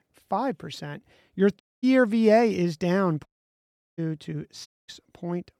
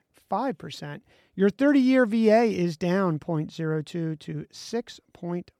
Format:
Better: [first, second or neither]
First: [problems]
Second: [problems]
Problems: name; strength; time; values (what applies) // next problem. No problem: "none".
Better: second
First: audio cutting out; at 1.5 s, at 3.5 s for 0.5 s and at 4.5 s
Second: none